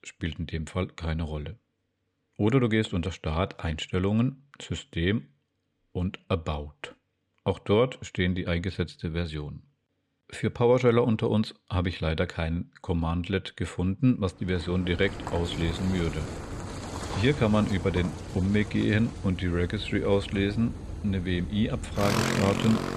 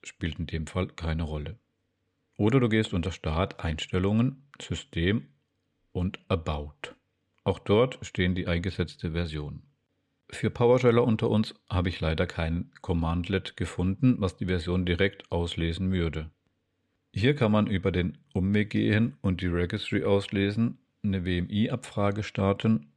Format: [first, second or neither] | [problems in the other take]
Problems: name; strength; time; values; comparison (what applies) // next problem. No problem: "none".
second | traffic noise; loud; from 15 s on; 7 dB below the speech